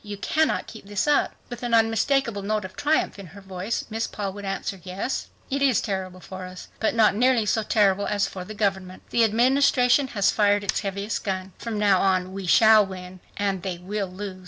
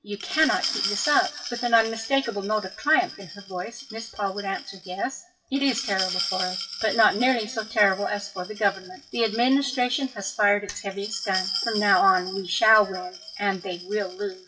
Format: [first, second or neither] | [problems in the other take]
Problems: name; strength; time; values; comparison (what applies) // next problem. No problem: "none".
first | noise reduction (classical method WPE with log-MMSE)